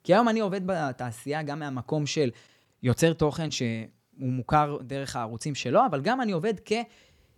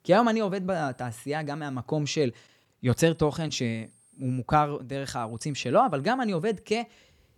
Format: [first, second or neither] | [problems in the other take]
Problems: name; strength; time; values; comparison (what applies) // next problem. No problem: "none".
first | high-pitched whine; faint; from 1 to 2 s, from 3 to 4.5 s and from 5 to 6.5 s; 8.5 kHz, 35 dB below the speech